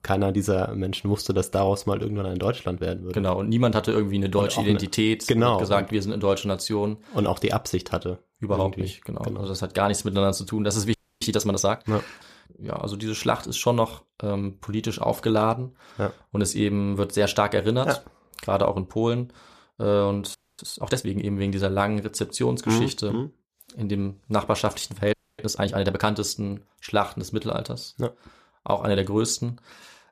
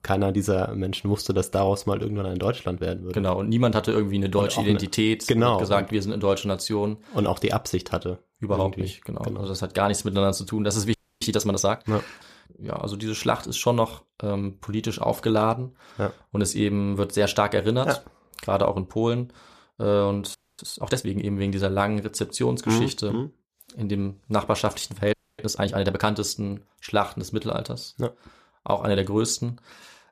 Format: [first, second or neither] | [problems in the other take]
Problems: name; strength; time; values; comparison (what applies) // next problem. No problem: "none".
neither | audio freezing; at 11 s, at 20 s and at 25 s; the same in both